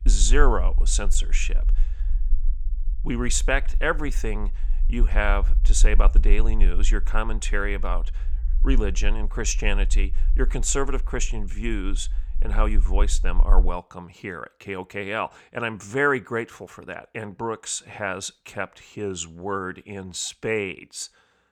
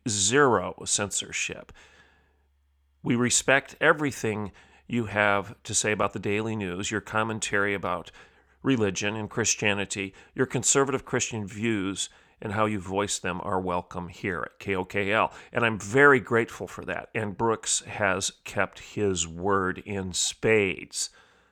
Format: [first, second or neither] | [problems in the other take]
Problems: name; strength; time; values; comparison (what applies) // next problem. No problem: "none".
second | low rumble; faint; until 14 s; 25 dB below the speech